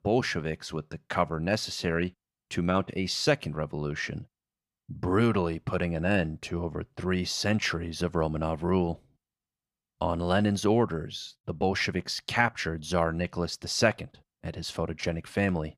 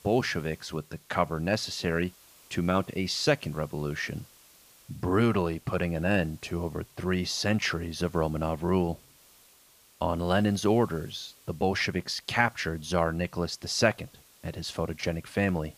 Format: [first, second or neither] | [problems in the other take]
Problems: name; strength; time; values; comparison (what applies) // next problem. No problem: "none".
first | hiss; faint; throughout; 25 dB below the speech